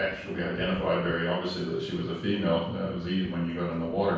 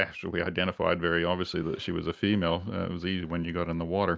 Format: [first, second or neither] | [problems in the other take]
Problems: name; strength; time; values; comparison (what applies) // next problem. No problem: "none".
second | background sound (Thunder); 18 dB below the speech // room echo; dies away in 0.7 s